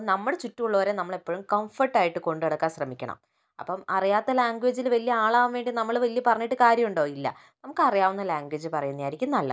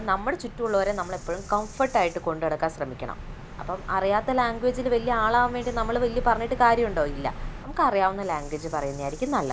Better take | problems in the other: first | background sound (Bird vocalization, bird call, bird song); 11 dB below the speech

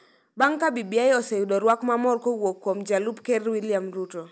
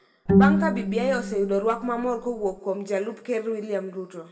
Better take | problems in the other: first | background sound (Bowed string instrument); 3 dB above the speech // room echo; dies away in 0.6 s

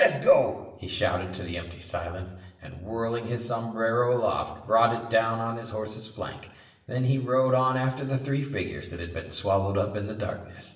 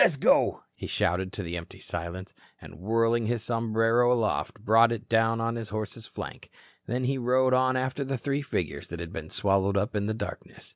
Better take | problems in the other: second | room echo; dies away in 0.9 s

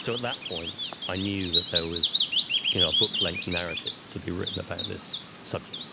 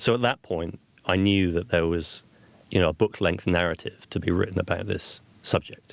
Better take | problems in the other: second | background sound (Bird vocalization, bird call, bird song); 5 dB above the speech

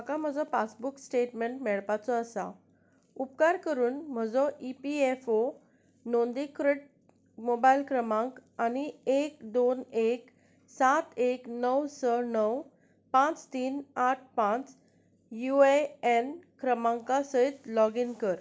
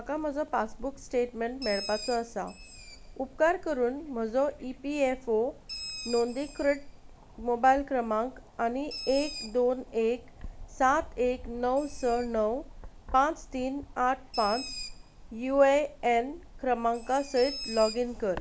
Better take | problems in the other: first | background sound (Bird); 14 dB below the speech

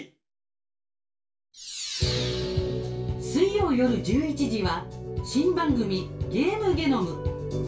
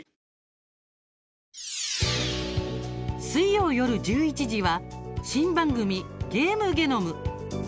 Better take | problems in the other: second | room echo; dies away in 0.2 s

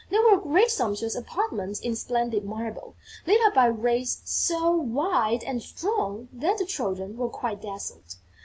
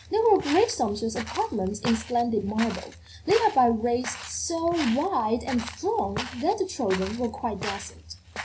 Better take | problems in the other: first | background sound (Walk, footsteps); 13 dB below the speech // room echo; dies away in 0.4 s

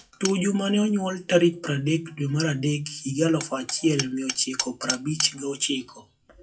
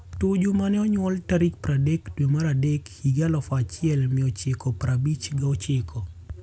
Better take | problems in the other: second | noise reduction (classical method WPE with log-MMSE)

